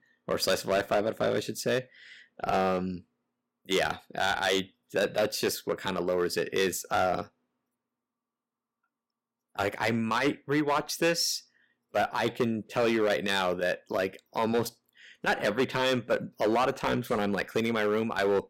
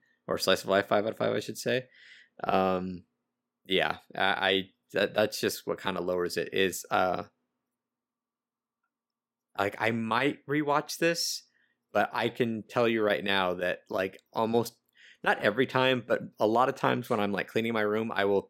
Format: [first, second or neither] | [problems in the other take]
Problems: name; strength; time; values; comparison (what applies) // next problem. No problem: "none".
second | distortion; heavy; 5% of the sound clipped